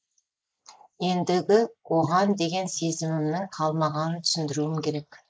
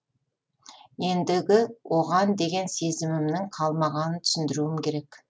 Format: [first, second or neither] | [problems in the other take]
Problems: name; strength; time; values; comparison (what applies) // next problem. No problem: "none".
second | noise reduction (neural mask model Resemble Enhance denoiser)